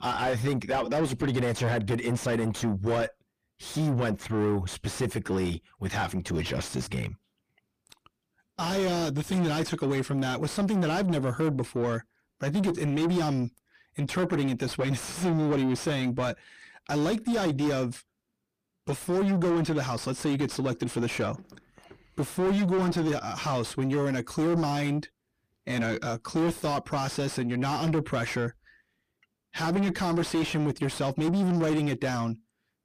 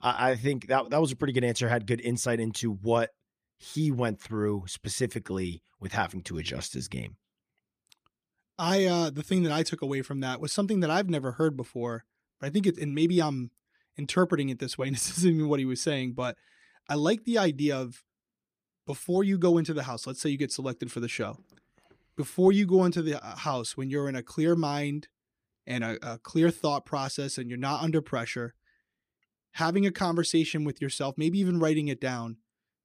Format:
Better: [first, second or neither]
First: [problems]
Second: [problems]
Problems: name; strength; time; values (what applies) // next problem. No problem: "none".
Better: second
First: distortion; heavy; 6 dB below the speech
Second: none